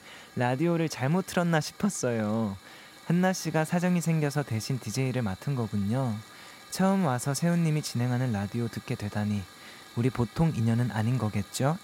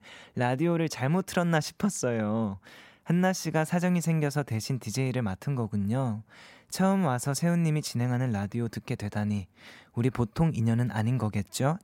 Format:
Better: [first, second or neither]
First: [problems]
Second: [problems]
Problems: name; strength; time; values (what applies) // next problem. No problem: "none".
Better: second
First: hiss; noticeable; throughout; 20 dB below the speech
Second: none